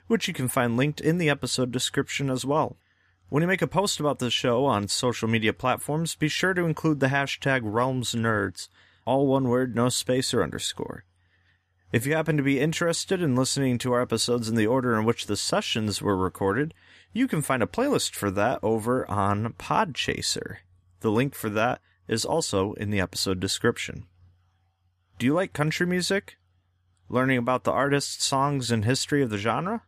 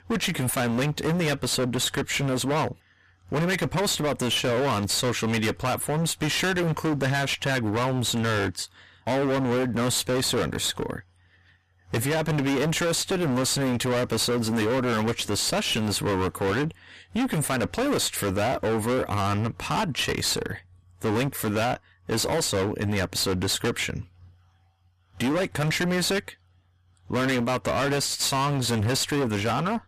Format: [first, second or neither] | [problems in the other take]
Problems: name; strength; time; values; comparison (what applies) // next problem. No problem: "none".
first | distortion; heavy; 31% of the sound clipped